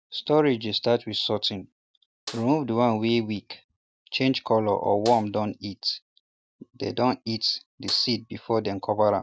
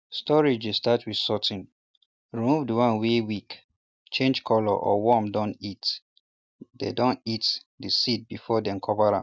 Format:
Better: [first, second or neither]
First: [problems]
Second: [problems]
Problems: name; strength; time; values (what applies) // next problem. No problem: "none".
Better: second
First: background sound (Snare drum); 19 dB below the speech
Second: none